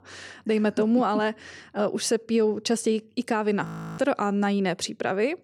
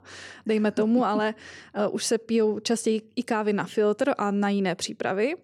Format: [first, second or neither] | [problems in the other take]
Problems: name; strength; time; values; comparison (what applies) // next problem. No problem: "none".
second | audio freezing; at 3.5 s